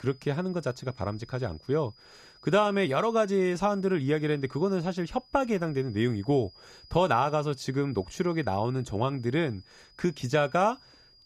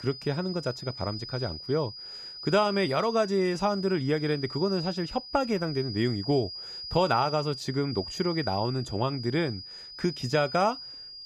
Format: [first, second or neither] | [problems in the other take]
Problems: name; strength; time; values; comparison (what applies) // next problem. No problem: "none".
first | high-pitched whine; loud; throughout; 5 kHz, 9 dB below the speech; faint in the first